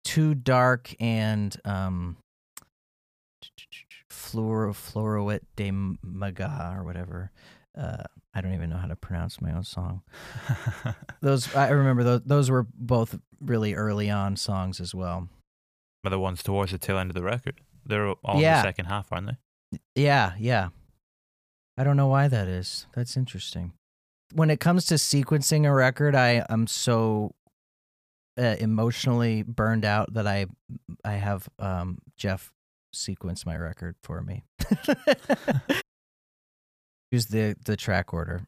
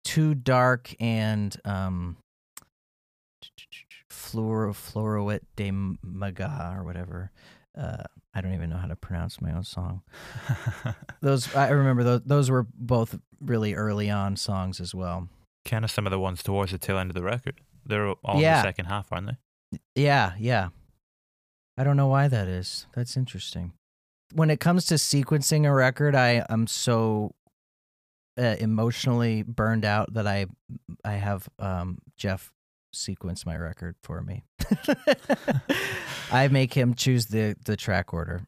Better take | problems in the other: second | audio cutting out; at 15 s for 0.5 s and at 36 s for 1.5 s

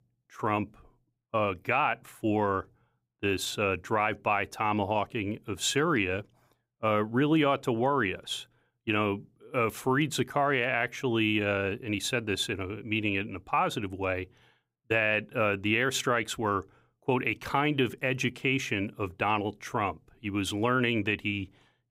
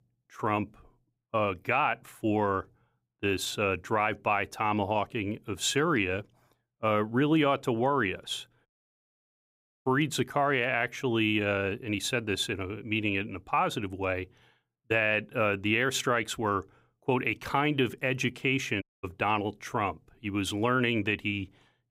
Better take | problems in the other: first | audio cutting out; at 8.5 s for 1 s and at 19 s

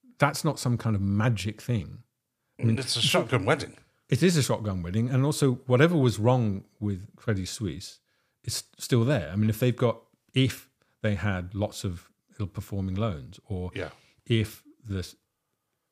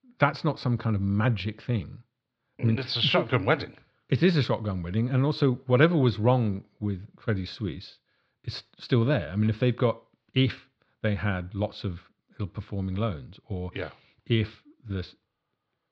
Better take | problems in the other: first | muffled; very slightly; fading above 4 kHz

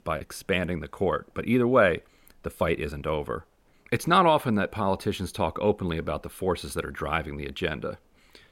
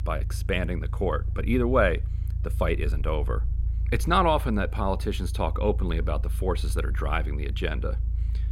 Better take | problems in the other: first | low rumble; faint; throughout; 20 dB below the speech

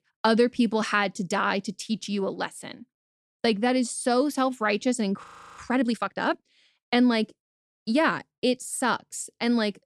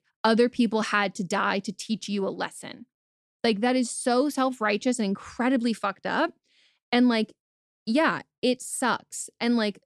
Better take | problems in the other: second | audio freezing; at 5 s

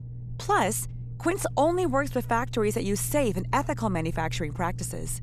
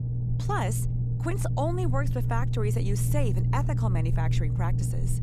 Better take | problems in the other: first | low rumble; loud; throughout; 6 dB below the speech; faint in the first

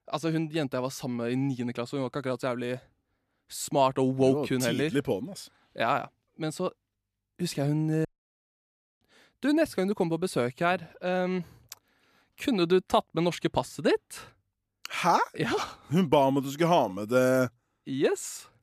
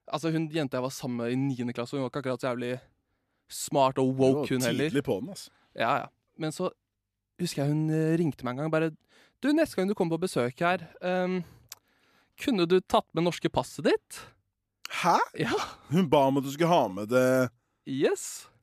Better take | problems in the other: second | audio cutting out; at 8 s for 1 s

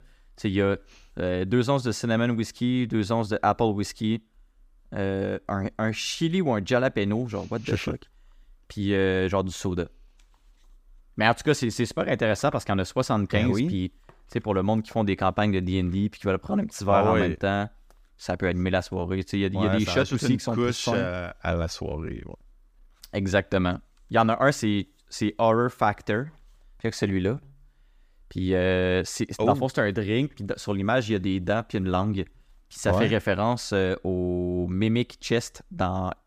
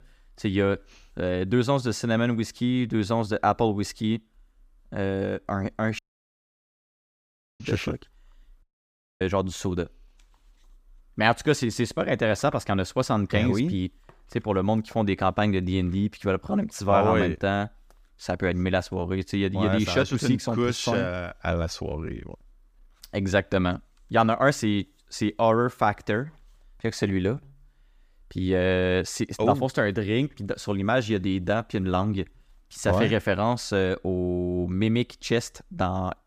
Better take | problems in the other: first | audio cutting out; at 6 s for 1.5 s and at 8.5 s for 0.5 s

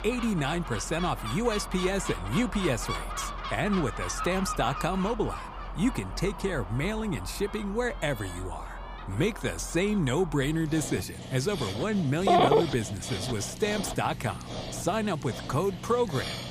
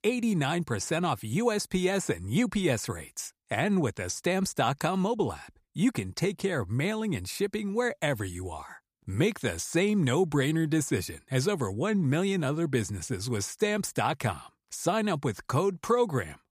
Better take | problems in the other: second | animal sounds; loud; throughout; 5 dB below the speech

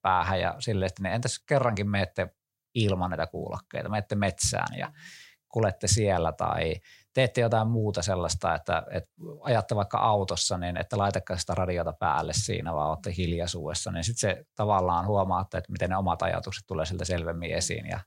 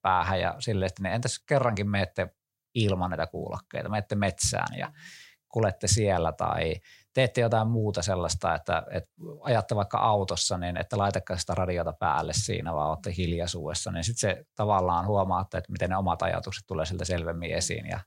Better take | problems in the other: neither | none

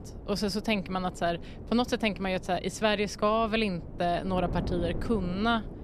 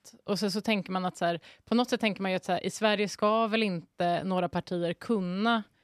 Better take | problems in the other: second | wind noise on the microphone; occasional gusts; 15 dB below the speech

